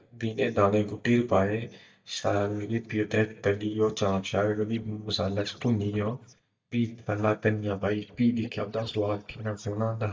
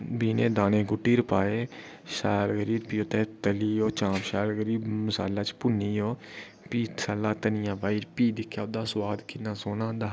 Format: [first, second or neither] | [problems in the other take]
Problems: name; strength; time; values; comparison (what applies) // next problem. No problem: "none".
second | noise reduction (neural mask model DeepFilterNet 3)